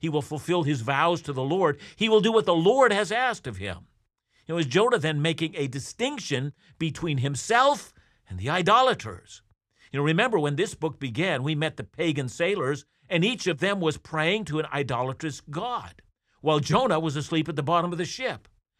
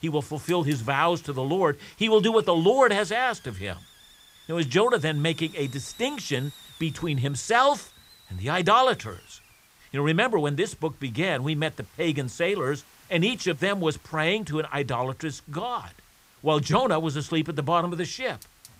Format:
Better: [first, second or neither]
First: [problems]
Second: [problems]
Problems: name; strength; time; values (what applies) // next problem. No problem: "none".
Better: first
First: none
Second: hiss; faint; throughout; 25 dB below the speech